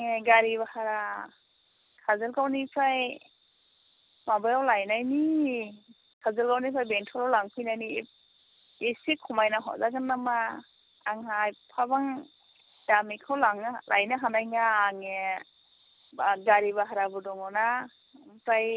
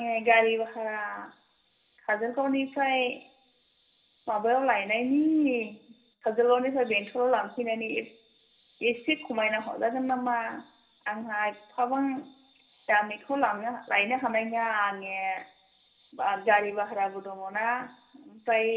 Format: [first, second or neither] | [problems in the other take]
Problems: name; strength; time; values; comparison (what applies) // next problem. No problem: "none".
first | room echo; dies away in 0.5 s